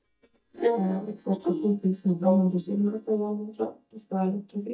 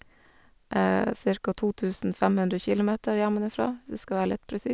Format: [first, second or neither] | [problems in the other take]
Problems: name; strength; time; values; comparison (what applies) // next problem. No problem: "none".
second | noise reduction (neural mask model DeepFilterNet 3)